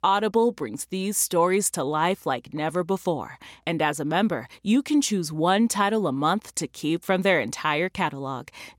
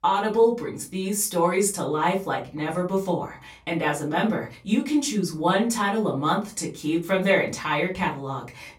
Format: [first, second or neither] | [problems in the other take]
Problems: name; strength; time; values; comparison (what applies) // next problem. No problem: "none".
first | off-mic speech; far // room echo; very slight; dies away in 0.2 s